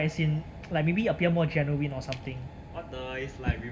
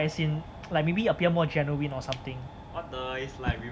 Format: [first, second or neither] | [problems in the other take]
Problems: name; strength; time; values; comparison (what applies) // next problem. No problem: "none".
second | room echo; dies away in 2.1 s